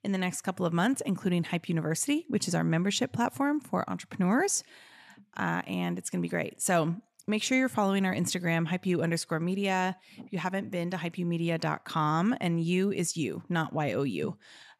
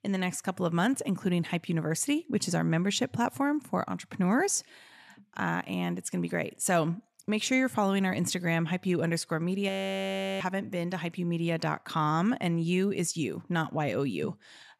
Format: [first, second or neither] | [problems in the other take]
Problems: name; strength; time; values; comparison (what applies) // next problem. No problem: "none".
first | audio freezing; at 9.5 s for 0.5 s